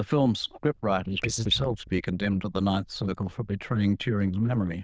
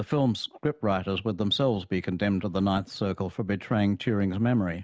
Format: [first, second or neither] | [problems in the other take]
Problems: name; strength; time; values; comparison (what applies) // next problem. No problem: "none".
second | noise reduction (neural diffusion model UNIVERSE++)